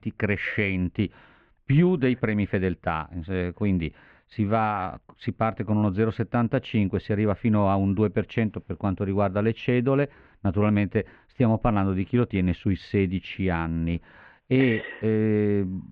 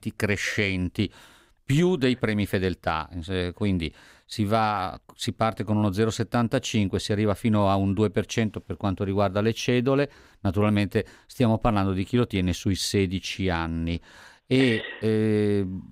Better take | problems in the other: second | muffled; very; fading above 2.5 kHz

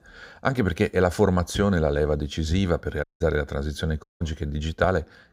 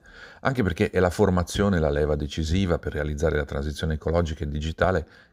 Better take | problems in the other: second | audio cutting out; at 3 s and at 4 s

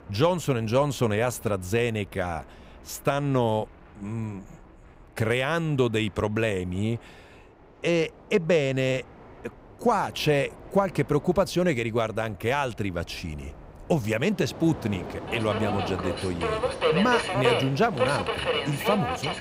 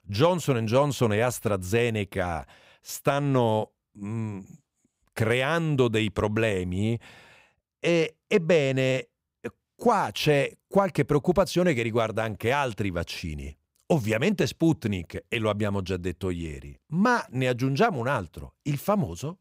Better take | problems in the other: second | train or aircraft noise; loud; throughout; 2 dB below the speech

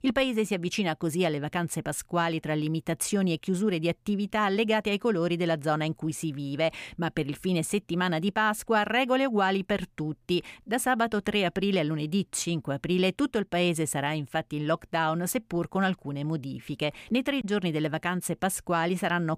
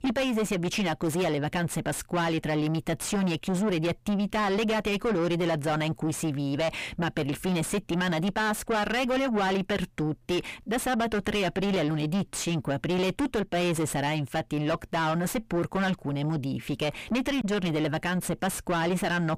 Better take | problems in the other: first | distortion; heavy; 5 dB below the speech

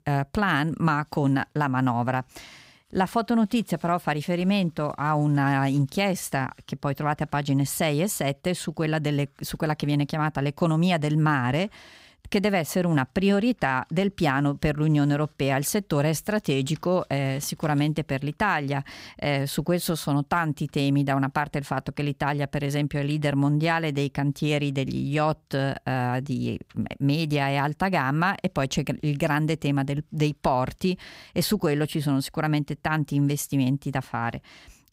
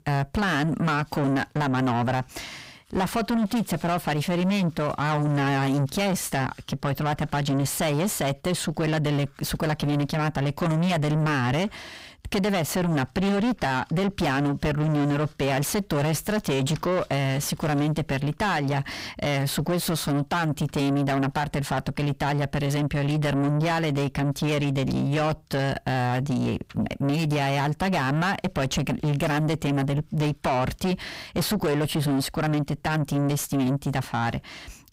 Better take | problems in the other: first | distortion; heavy; 5 dB below the speech

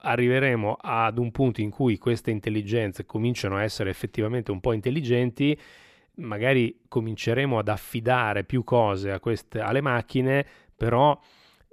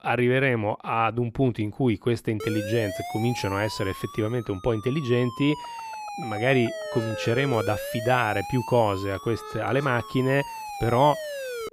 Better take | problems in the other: first | siren; noticeable; from 2.5 s on; peak 7 dB below the speech

